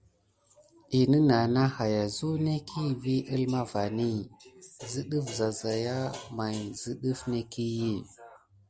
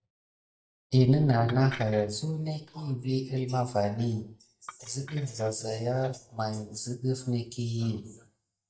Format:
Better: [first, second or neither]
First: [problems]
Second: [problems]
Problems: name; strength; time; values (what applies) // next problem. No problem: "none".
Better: first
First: none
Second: noise reduction (neural mask model DeepFilterNet 3)